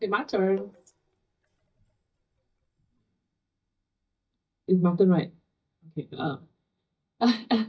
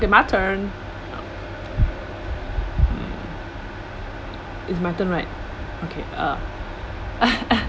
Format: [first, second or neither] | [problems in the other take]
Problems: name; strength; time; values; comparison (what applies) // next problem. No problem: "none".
second | noise reduction (neural mask model DeepFilterNet 3)